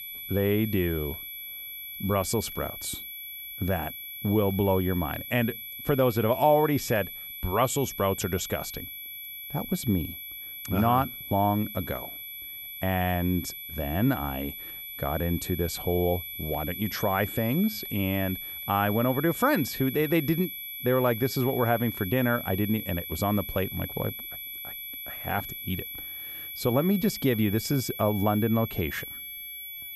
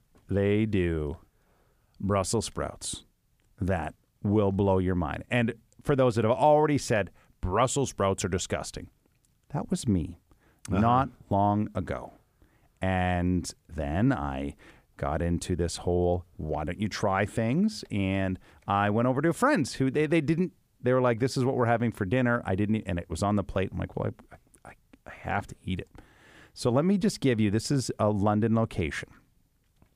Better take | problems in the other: second | high-pitched whine; loud; throughout; 12 kHz, 8 dB below the speech

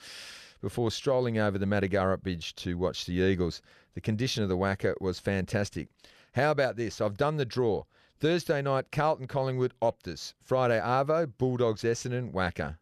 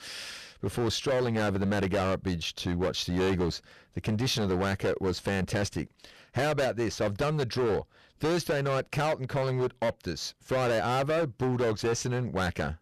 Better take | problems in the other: first | distortion; heavy; 19% of the sound clipped

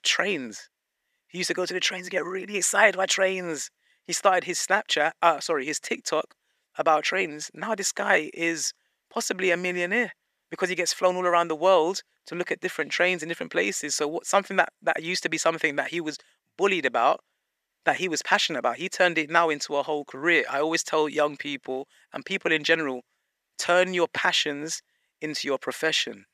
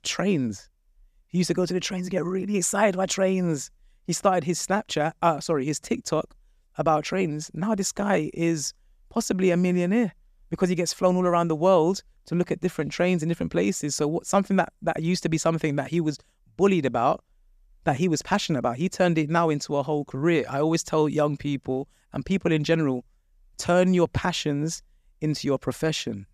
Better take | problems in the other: second | thin; somewhat; fading below 450 Hz

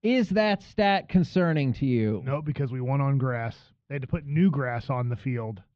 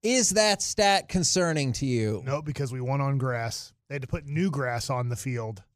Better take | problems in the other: second | muffled; very; fading above 3.5 kHz

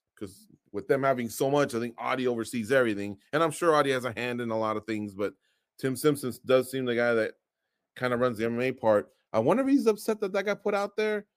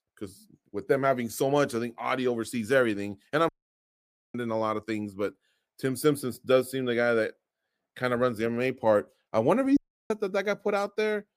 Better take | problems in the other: first | audio cutting out; at 3.5 s for 1 s and at 10 s

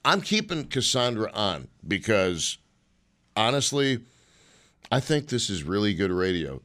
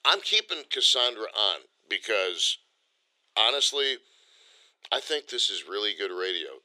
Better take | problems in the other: first | thin; very; fading below 400 Hz

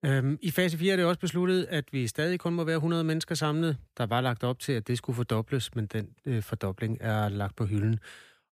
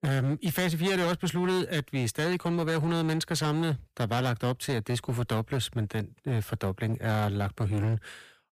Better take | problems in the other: first | distortion; slight; 17% of the sound clipped

